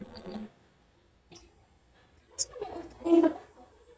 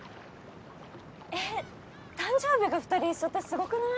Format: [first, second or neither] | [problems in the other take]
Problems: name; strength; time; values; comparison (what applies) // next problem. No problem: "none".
second | noise reduction (neural mask model DeepFilterNet 3)